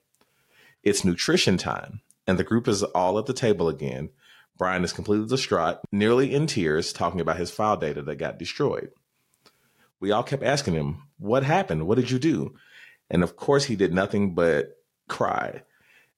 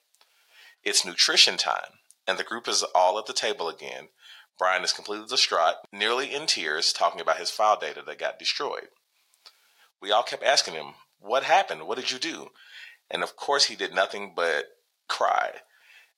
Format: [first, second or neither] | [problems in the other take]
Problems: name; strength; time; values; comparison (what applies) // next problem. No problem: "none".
first | thin; very; fading below 800 Hz